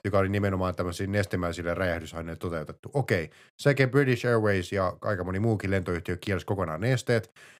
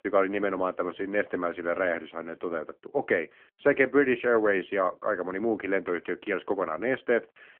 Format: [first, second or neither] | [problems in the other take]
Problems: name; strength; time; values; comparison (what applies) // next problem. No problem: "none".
first | phone-call audio